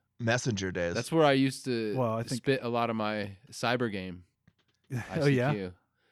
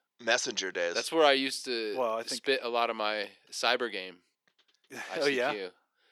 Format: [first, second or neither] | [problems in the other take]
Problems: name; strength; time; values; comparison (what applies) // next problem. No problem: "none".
first | thin; somewhat; fading below 350 Hz